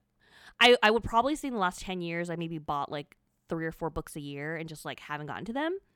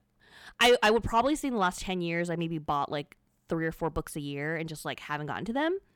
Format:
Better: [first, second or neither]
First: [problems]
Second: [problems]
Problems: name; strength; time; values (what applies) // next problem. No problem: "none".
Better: first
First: none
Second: distortion; slight; 10 dB below the speech